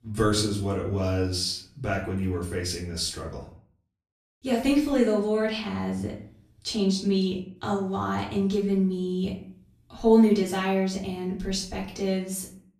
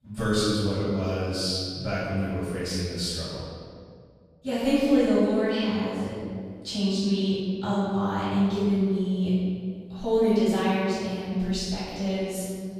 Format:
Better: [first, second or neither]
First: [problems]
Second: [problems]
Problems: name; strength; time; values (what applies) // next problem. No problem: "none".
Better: first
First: room echo; slight; dies away in 0.4 s // off-mic speech; far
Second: room echo; strong; dies away in 1.8 s // off-mic speech; far